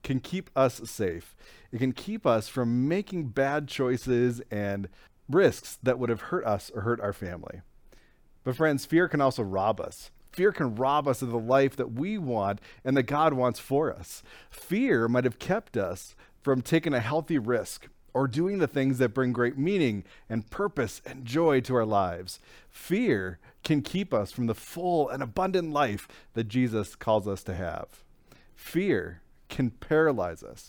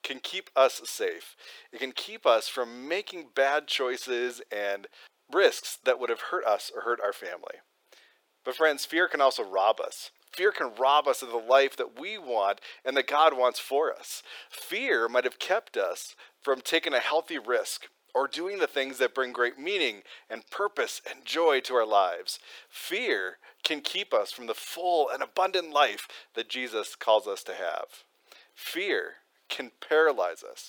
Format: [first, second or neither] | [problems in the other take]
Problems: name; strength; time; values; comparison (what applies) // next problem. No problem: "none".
first | thin; very; fading below 450 Hz